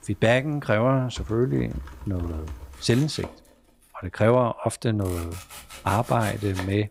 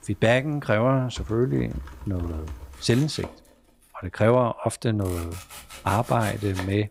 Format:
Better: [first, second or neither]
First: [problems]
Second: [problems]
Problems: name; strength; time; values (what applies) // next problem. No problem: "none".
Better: neither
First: household noises; noticeable; throughout; 15 dB below the speech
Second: household noises; noticeable; throughout; 15 dB below the speech